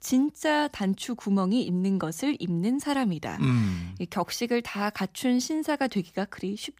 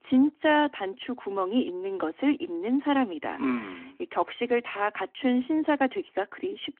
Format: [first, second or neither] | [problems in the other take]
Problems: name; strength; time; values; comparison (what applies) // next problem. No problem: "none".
first | phone-call audio